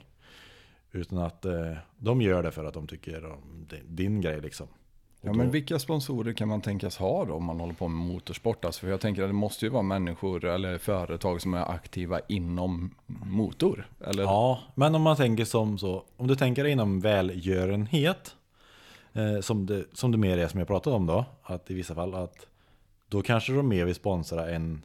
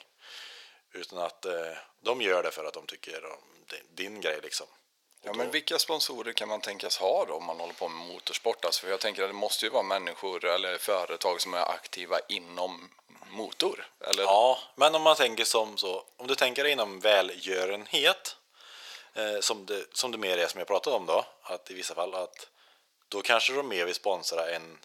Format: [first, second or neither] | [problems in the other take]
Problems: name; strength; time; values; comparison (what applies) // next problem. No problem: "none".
first | thin; very; fading below 550 Hz